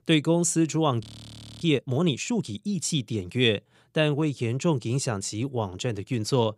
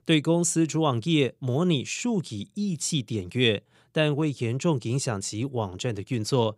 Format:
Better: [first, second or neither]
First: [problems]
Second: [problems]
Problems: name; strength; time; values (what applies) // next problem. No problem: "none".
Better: second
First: audio freezing; at 1 s for 0.5 s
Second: none